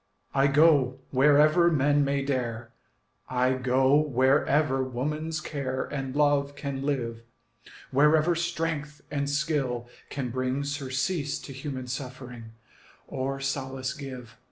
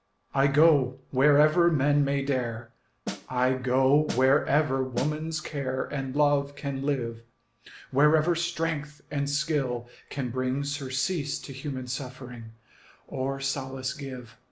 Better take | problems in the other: first | background sound (Snare drum); 11 dB below the speech

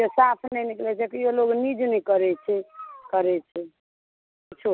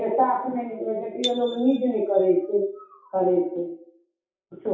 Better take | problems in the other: first | noise reduction (classical method WPE with log-MMSE)

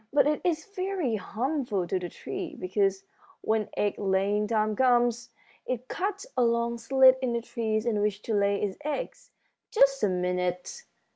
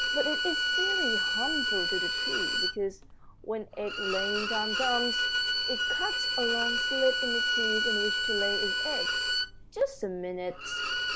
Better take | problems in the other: first | background sound (Bowed string instrument); 4 dB above the speech

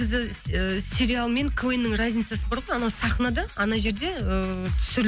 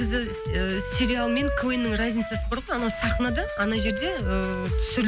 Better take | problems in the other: first | background sound (Wind instrument, woodwind instrument); 8 dB below the speech

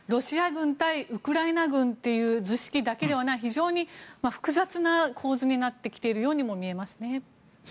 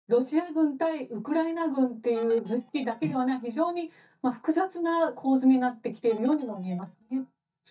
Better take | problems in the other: first | noise reduction (neural mask model DeepFilterNet 3)

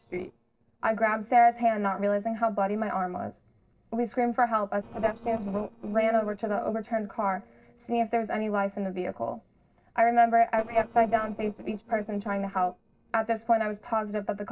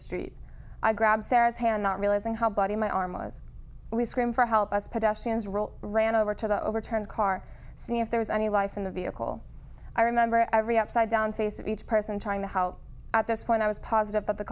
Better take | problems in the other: second | noise reduction (neural separator model SepFormer DNS4)

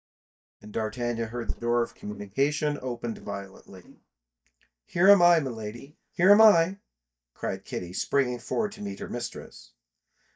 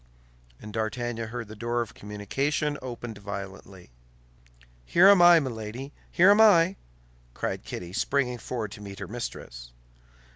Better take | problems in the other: second | noise reduction (neural mask model DeepFilterNet 3)

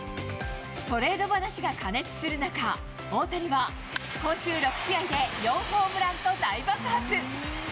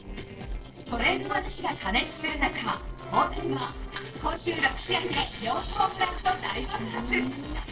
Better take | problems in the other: first | noise reduction (neural separator model SepFormer DNS4)

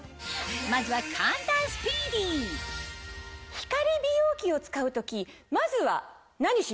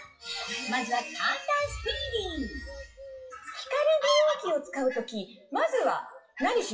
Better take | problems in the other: first | noise reduction (classical method WPE with log-MMSE)

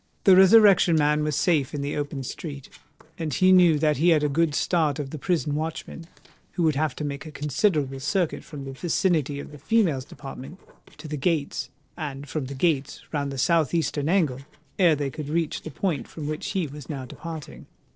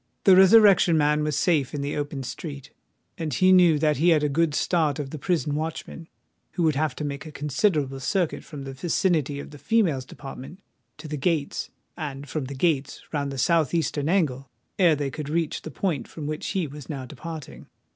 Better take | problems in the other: second | noise reduction (neural separator model SepFormer DNS4)

